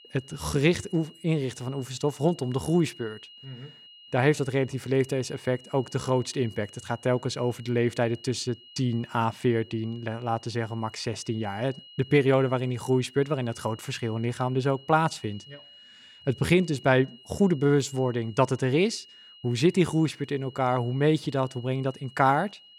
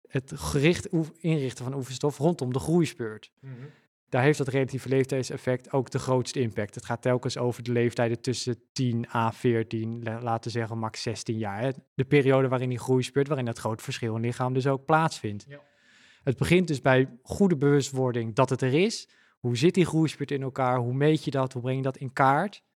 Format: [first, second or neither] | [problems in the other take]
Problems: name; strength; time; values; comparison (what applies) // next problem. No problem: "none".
second | high-pitched whine; faint; throughout; 3 kHz, 20 dB below the speech